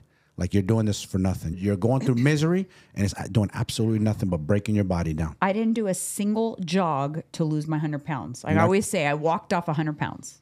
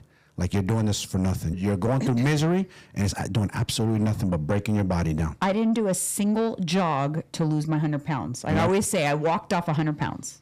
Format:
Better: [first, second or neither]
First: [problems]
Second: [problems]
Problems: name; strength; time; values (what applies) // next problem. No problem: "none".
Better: first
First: none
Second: distortion; slight; 10 dB below the speech